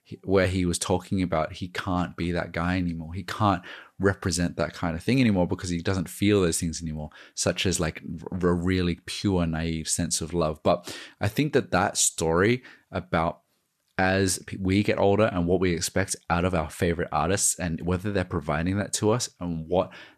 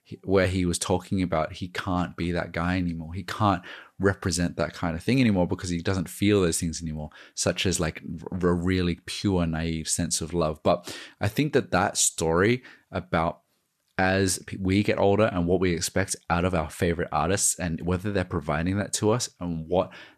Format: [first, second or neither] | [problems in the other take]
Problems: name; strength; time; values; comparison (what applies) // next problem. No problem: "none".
neither | none